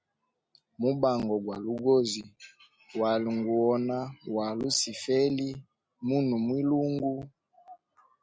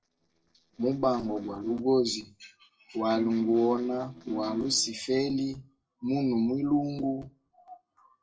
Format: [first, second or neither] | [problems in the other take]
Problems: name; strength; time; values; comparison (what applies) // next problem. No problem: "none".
first | noise reduction (neural separator model SepFormer DNS4)